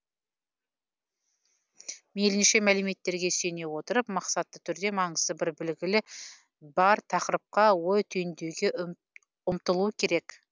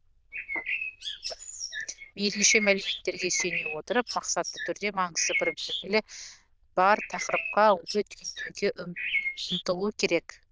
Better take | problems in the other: first | noise reduction (neural diffusion model UNIVERSE++)

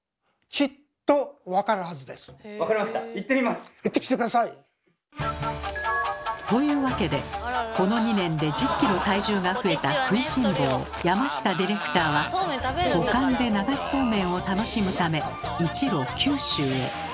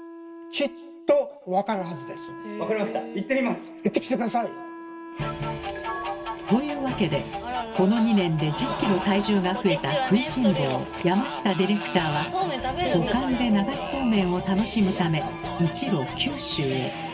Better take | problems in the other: first | background sound (Wind instrument, woodwind instrument); 15 dB below the speech // room echo; dies away in 2.3 s

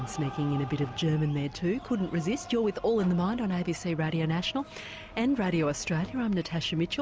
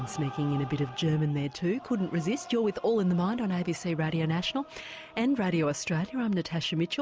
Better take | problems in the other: second | background sound (Sliding door + Bus); 19 dB below the speech

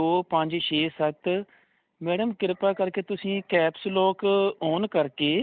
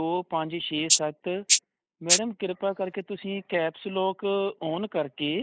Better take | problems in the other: first | noise reduction (neural mask model Resemble Enhance denoiser)

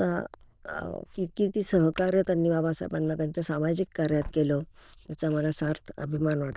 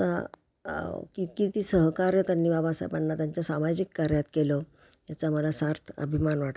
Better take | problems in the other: second | noise reduction (neural diffusion model UNIVERSE++)

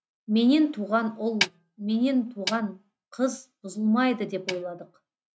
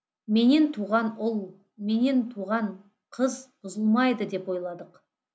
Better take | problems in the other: second | noise reduction (neural mask model RNNoise)

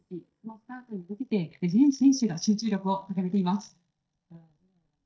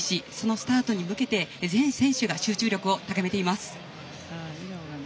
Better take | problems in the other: second | noise reduction (neural mask model DeepFilterNet 3)

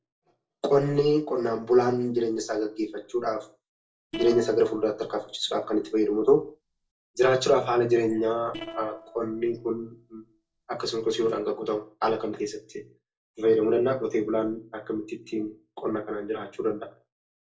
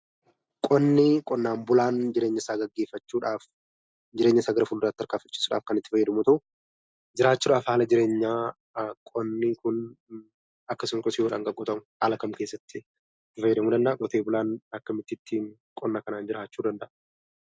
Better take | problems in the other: second | noise reduction (neural separator model SepFormer DNS4)

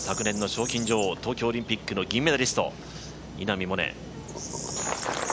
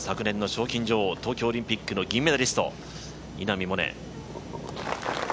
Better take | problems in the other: second | background sound (Bird vocalization, bird call, bird song); 11 dB below the speech

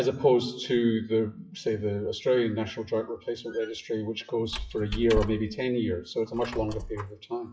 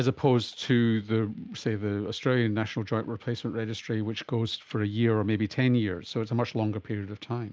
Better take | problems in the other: second | noise reduction (classical method WPE with log-MMSE)

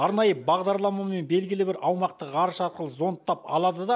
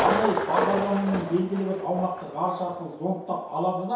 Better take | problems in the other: first | background sound (Thunder); 4 dB below the speech // room echo; dies away in 0.7 s

